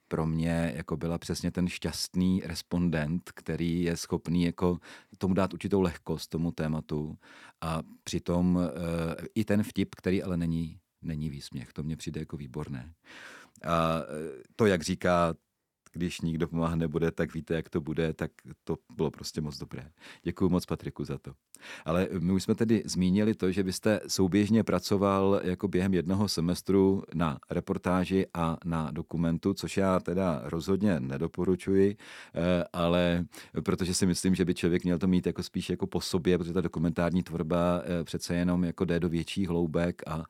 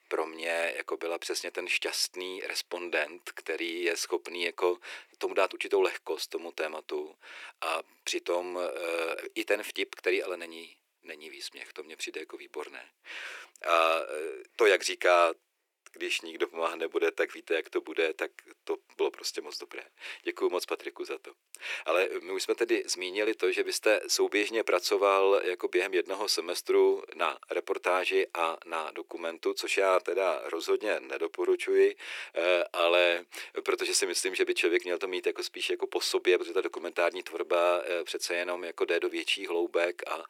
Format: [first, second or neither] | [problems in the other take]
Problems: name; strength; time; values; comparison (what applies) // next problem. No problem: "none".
first | thin; very; fading below 350 Hz